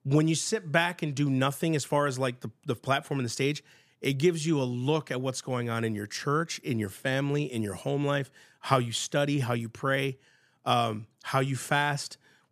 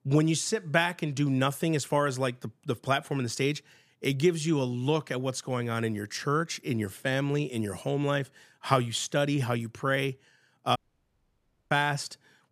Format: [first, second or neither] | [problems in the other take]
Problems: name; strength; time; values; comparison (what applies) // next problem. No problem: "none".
first | audio cutting out; at 11 s for 1 s